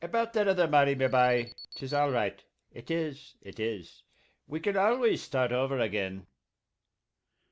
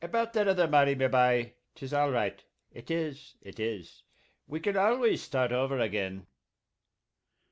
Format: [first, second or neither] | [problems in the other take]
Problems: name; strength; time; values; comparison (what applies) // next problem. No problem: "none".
second | background sound (Alarm); 18 dB below the speech